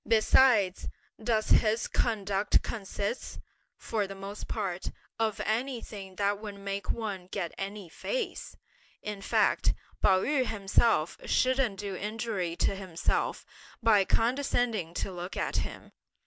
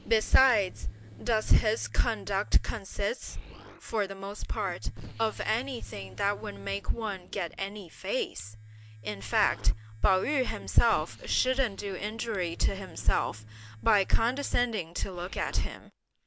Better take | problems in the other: first | background sound (Explosion + Domestic sounds, home sounds); 19 dB below the speech

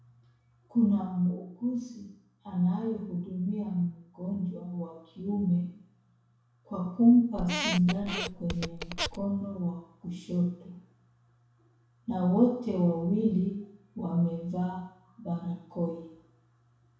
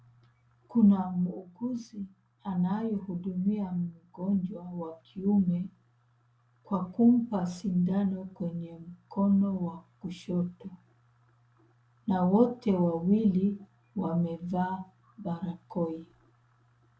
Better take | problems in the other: second | background sound (Squeak); 5 dB below the speech // room echo; dies away in 0.6 s

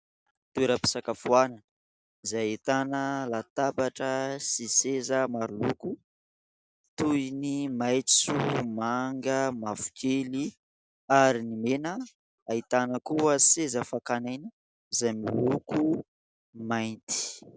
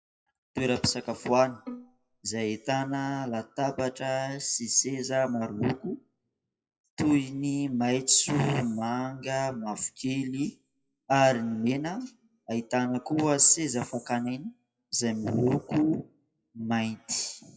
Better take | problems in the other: first | noise reduction (classical method WPE with log-MMSE)

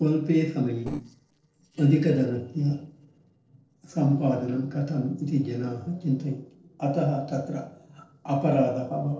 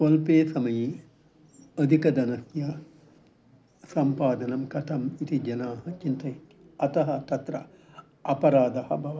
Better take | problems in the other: second | noise reduction (neural separator model SepFormer DNS4)

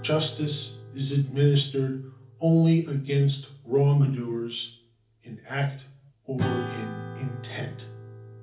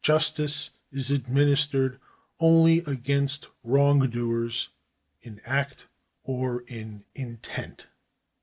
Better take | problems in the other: second | background sound (Acoustic guitar / Strum); 13 dB below the speech // room echo; dies away in 0.4 s

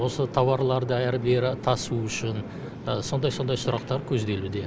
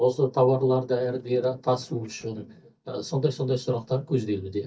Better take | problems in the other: first | noise reduction (neural mask model DeepFilterNet 3)

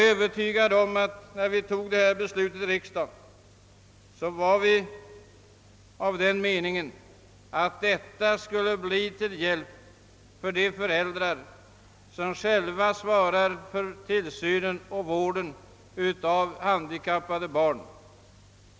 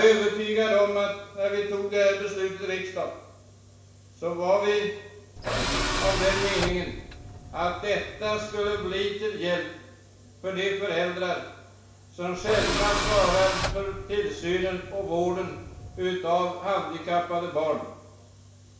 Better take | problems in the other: first | background sound (Tools); 4 dB below the speech // room echo; dies away in 0.7 s

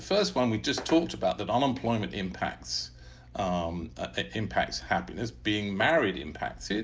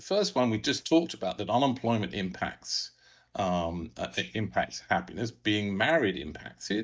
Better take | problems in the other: first | noise reduction (neural mask model DeepFilterNet 3)

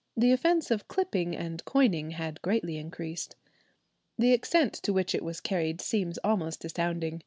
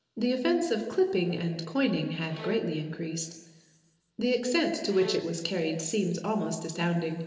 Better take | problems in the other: first | background sound (Bowed string instrument); 17 dB below the speech // room echo; dies away in 1.4 s

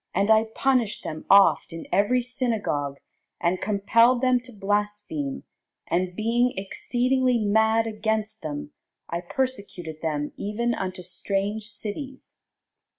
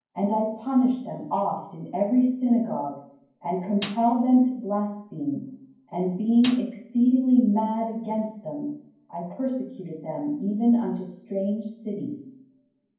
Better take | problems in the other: first | background sound (Snare drum); 15 dB below the speech // room echo; dies away in 0.9 s

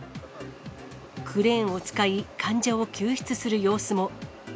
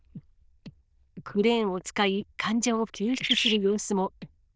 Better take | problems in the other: first | noise reduction (neural diffusion model UNIVERSE++)

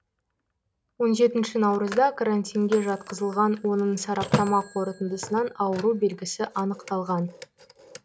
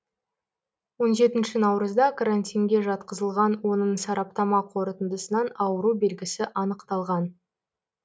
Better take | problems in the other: second | background sound (Telephone); 12 dB below the speech

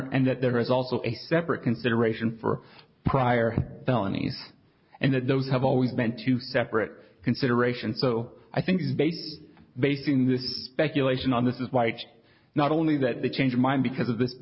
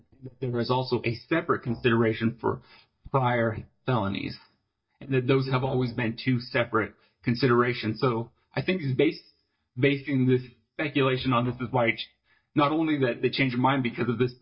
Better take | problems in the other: first | noise reduction (neural mask model DeepFilterNet 3)

